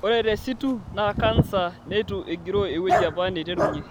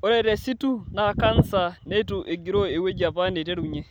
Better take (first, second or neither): second